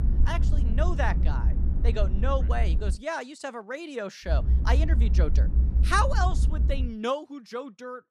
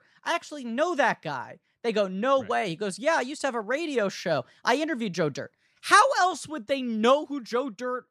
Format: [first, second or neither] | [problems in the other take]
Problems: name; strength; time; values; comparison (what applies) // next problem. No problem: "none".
second | low rumble; noticeable; until 3 s and from 4.5 to 7 s; 10 dB below the speech